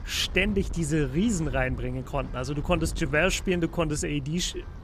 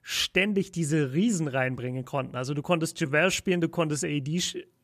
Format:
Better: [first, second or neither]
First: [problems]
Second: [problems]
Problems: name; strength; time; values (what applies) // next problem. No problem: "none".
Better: second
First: wind noise on the microphone; occasional gusts; 20 dB below the speech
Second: none